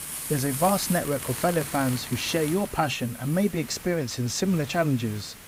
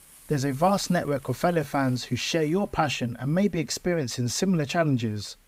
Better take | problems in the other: second | hiss; loud; throughout; 8 dB below the speech; faint in the second

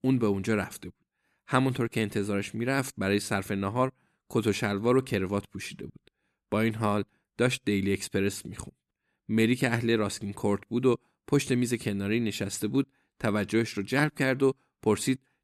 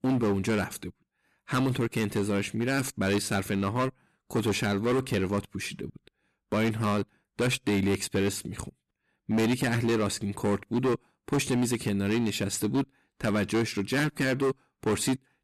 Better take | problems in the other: first | distortion; heavy; 12% of the sound clipped

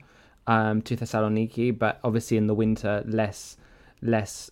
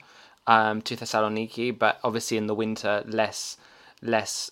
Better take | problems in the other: first | thin; somewhat; fading below 1 kHz

